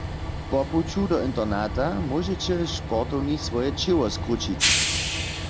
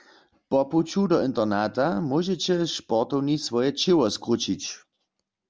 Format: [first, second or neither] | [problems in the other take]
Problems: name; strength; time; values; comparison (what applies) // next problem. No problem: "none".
second | background sound (Train); 2 dB below the speech